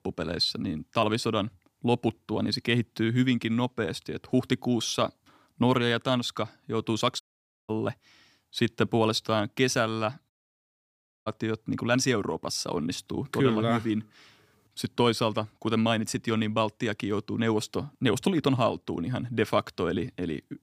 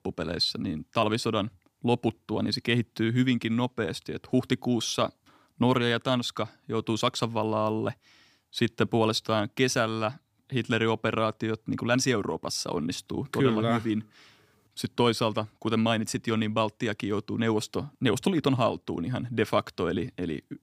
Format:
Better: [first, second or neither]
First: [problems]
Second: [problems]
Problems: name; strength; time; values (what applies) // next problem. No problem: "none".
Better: second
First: audio cutting out; at 7 s and at 10 s for 1 s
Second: none